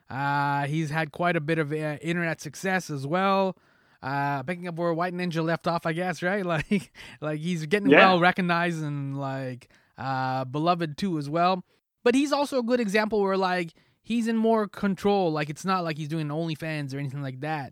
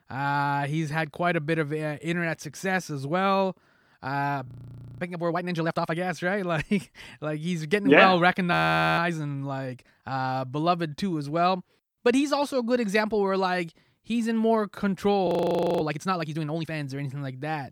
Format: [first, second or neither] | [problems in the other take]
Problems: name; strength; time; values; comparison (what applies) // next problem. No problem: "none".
first | audio freezing; at 4.5 s for 0.5 s, at 8.5 s and at 15 s for 0.5 s